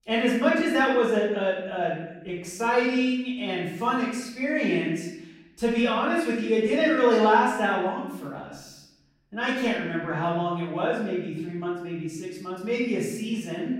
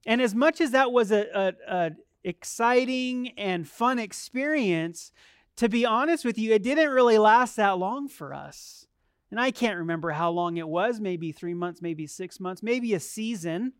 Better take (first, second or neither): second